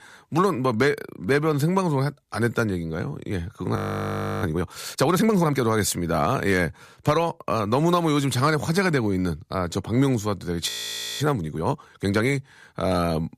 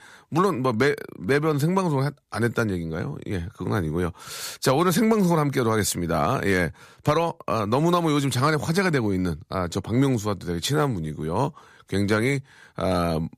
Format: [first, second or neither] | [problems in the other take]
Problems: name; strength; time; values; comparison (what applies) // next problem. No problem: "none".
second | audio freezing; at 4 s for 0.5 s and at 11 s for 0.5 s